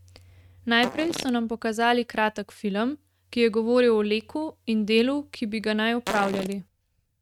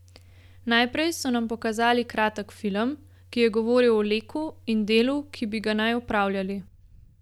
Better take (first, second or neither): second